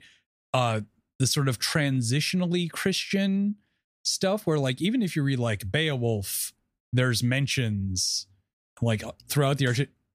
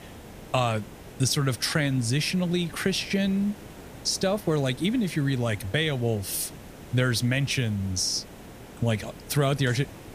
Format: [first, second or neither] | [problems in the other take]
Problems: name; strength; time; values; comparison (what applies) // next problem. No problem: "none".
first | hiss; noticeable; throughout; 20 dB below the speech